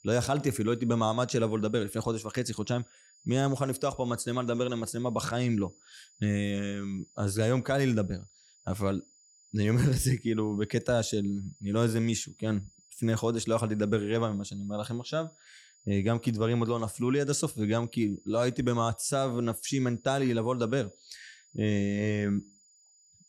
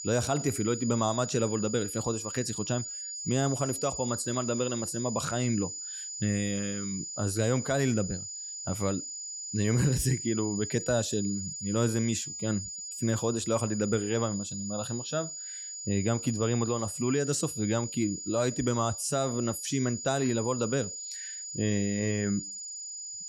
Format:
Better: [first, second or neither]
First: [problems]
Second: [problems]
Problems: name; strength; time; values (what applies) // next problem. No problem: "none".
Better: first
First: high-pitched whine; faint; throughout; 7 kHz, 30 dB below the speech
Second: high-pitched whine; loud; throughout; 7 kHz, 6 dB below the speech